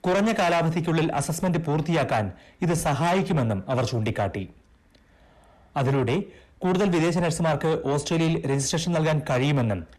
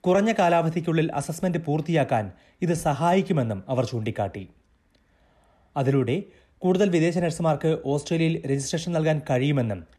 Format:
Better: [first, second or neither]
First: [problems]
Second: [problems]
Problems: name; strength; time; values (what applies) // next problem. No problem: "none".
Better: second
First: distortion; heavy; 8 dB below the speech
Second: none